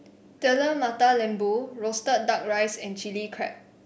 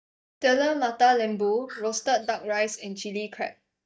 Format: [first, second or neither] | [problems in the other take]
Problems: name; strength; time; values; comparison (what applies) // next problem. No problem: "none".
first | noise reduction (neural mask model DeepFilterNet 3)